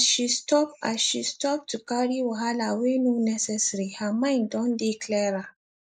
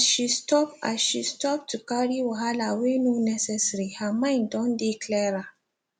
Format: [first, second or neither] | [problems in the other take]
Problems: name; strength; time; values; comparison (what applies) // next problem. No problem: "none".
second | noise reduction (neural mask model Resemble Enhance denoiser)